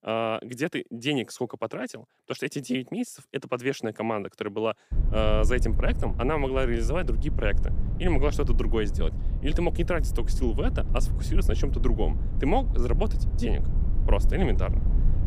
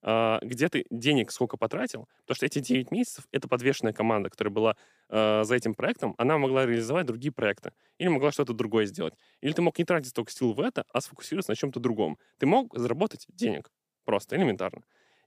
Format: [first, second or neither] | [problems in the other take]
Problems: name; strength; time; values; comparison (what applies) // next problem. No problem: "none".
second | low rumble; noticeable; from 5 s on; 15 dB below the speech